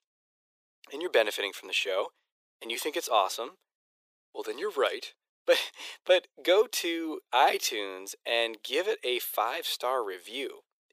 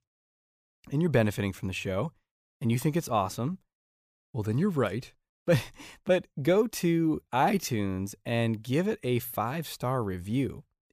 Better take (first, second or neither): second